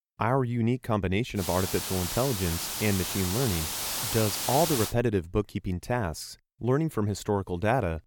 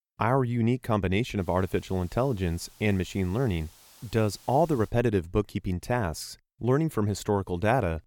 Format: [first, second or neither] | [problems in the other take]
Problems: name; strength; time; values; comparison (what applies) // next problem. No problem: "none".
second | hiss; loud; from 1.5 to 5 s; 2 dB below the speech; faint in the second